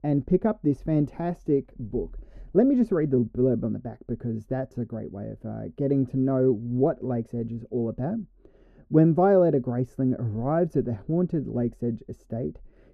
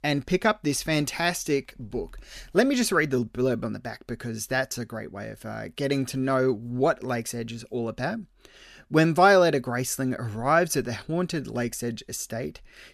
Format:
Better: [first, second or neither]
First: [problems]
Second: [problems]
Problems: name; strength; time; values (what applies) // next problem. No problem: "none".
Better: second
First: muffled; very; fading above 1.5 kHz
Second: none